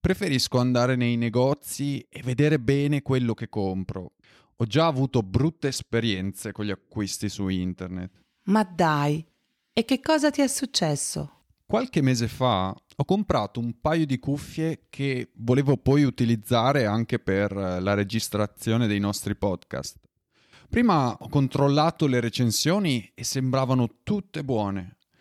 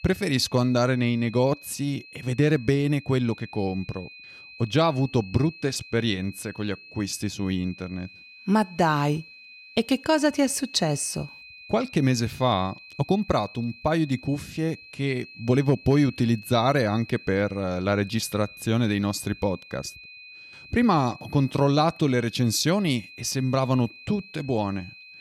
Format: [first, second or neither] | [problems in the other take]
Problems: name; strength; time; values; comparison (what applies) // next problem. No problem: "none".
first | high-pitched whine; noticeable; throughout; 2.5 kHz, 20 dB below the speech